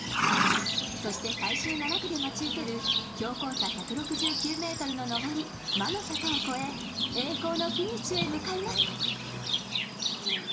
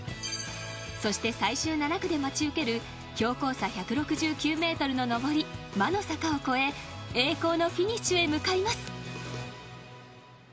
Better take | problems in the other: second | background sound (Livestock, farm animals, working animals); 3 dB above the speech // room echo; dies away in 2.3 s

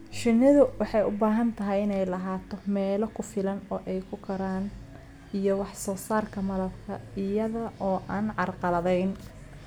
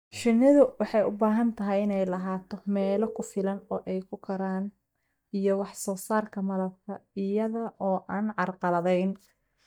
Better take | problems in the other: first | noise reduction (neural mask model DeepFilterNet 3)

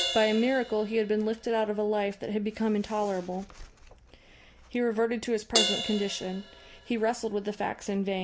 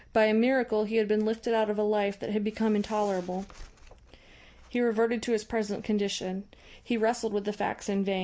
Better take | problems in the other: second | background sound (Crash cymbal); 9 dB below the speech

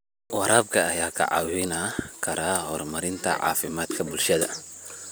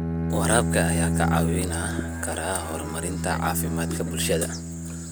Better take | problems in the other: first | background sound (Bowed string instrument); 1 dB above the speech

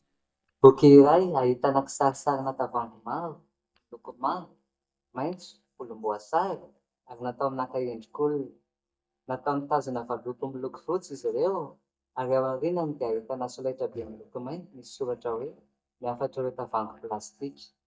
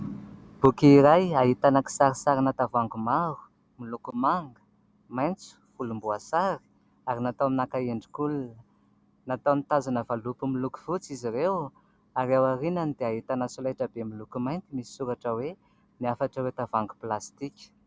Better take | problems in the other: second | noise reduction (neural mask model DeepFilterNet 3)

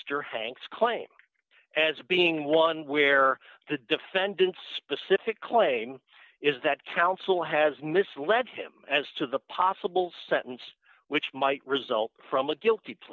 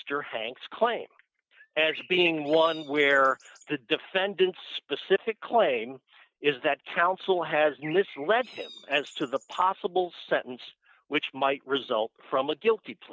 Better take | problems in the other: first | noise reduction (neural mask model RNNoise)

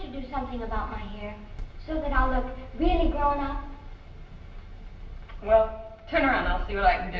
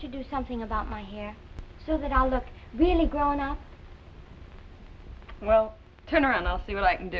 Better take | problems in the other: second | room echo; dies away in 0.7 s

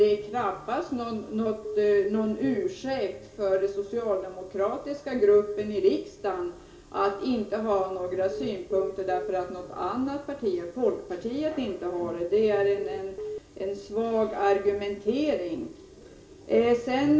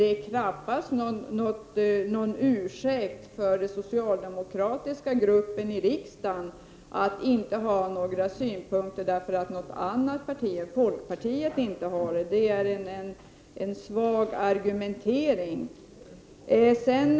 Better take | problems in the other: second | background sound (Telephone); 11 dB below the speech // room echo; dies away in 0.3 s

